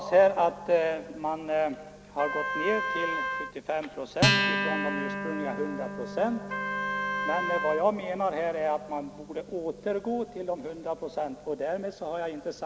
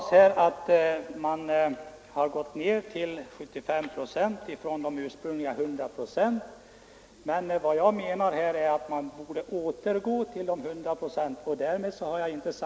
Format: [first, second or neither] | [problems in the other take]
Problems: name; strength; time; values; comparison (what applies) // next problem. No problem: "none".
second | background sound (Wind instrument, woodwind instrument + Acoustic guitar); 4 dB below the speech